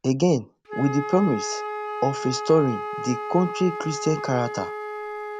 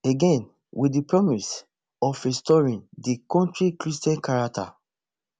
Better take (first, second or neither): second